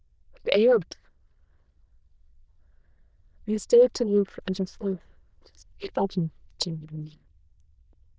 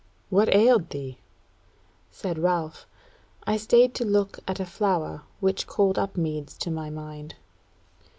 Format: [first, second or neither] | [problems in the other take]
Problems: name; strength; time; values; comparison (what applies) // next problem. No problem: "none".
second | noise reduction (neural diffusion model UNIVERSE++)